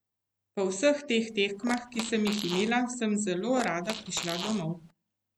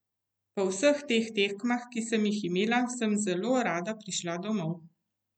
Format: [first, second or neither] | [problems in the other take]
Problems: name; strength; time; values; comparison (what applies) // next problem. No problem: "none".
second | background sound (Fart); 10 dB below the speech